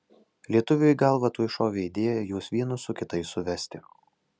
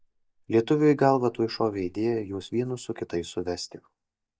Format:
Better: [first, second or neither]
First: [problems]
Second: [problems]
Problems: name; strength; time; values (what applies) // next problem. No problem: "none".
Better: first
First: none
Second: noise reduction (neural mask model DeepFilterNet 3)